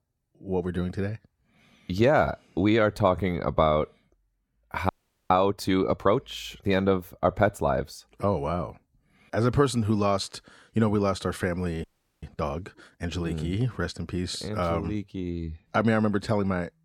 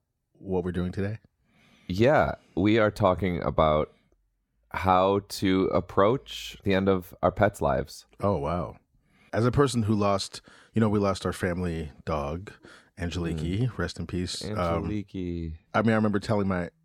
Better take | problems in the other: second | audio freezing; at 5 s and at 12 s

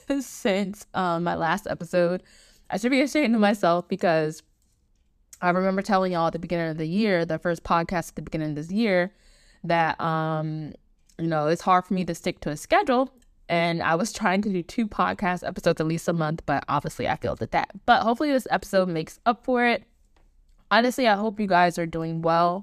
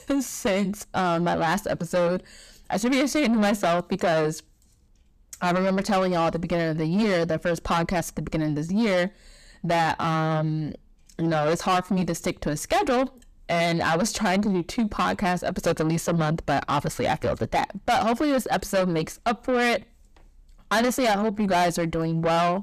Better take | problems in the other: first | distortion; heavy; 7 dB below the speech

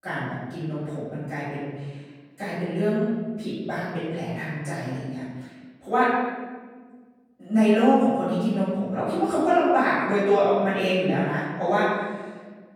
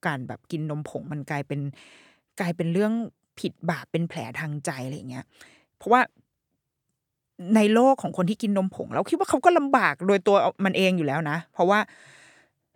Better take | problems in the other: second | off-mic speech; far // room echo; strong; dies away in 1.3 s

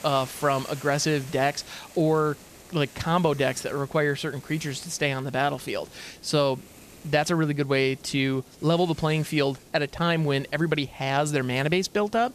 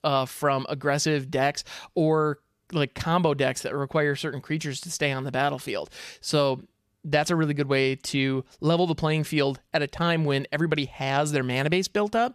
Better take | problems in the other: second | hiss; faint; throughout; 20 dB below the speech

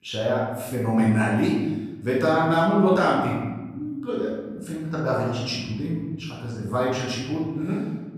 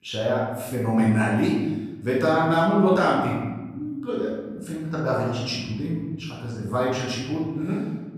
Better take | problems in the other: neither | off-mic speech; far; the same in both // room echo; noticeable; dies away in 1.4 s; the same in both

